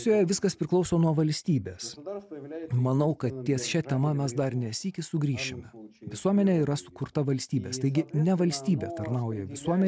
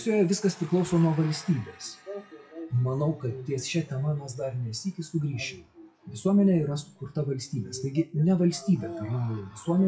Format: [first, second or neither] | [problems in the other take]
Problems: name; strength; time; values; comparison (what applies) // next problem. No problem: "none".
first | noise reduction (classical method WPE with log-MMSE)